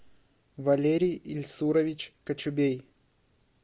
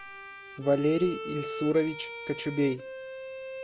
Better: first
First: none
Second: background sound (Bowed string instrument); 10 dB below the speech

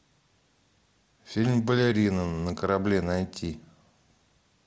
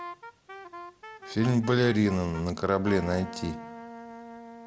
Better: first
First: none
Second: background sound (Wind instrument, woodwind instrument); 14 dB below the speech

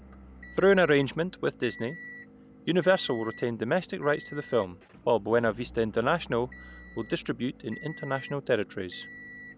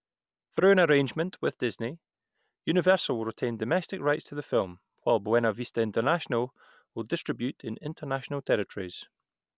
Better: second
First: background sound (Motor vehicle (road) / Engine); 18 dB below the speech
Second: none

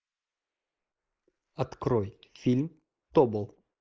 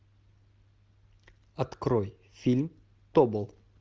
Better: second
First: noise reduction (neural mask model Resemble Enhance denoiser)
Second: none

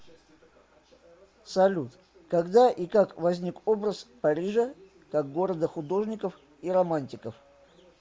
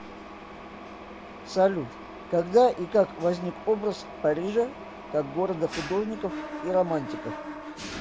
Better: first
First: none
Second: background sound (Mechanisms); 12 dB below the speech

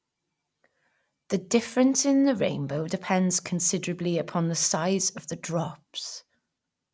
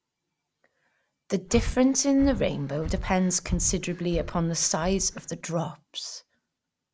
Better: first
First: none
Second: background sound (Breathing); 7 dB below the speech

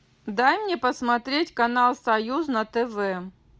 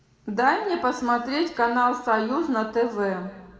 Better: first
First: none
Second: room echo; dies away in 1.4 s

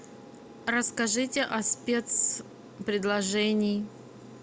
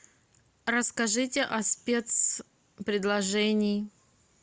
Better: second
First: background sound (Aircraft); 18 dB below the speech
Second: none

